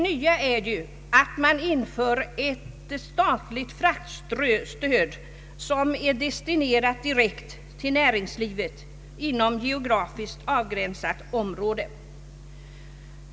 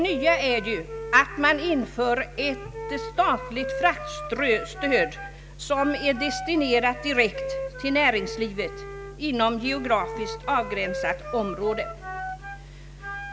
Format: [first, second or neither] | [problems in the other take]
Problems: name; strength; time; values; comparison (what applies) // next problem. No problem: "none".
first | background sound (Wind instrument, woodwind instrument); 10 dB below the speech